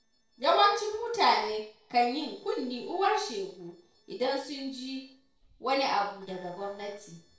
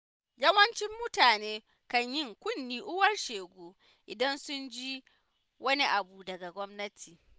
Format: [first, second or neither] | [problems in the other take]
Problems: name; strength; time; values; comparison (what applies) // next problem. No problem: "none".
second | noise reduction (neural separator model SepFormer DNS4)